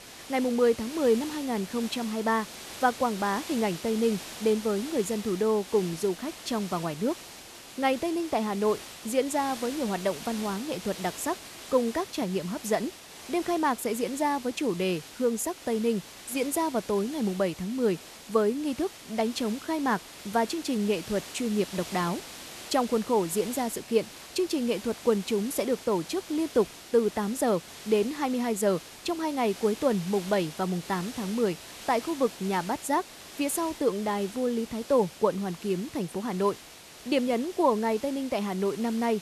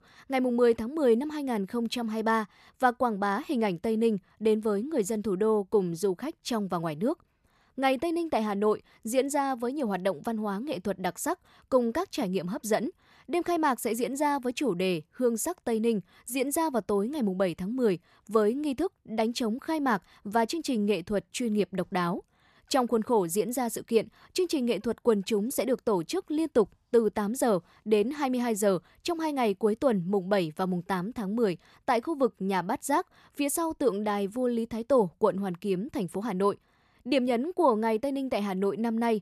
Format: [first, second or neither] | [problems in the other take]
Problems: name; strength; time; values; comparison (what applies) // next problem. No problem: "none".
second | hiss; noticeable; throughout; 15 dB below the speech